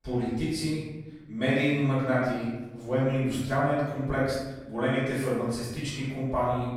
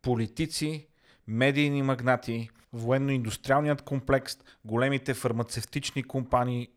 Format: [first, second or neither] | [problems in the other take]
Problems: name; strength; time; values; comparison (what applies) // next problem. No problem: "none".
second | room echo; strong; dies away in 1 s // off-mic speech; far